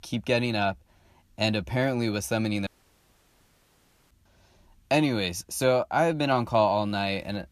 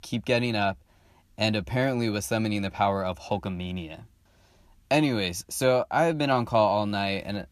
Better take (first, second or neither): second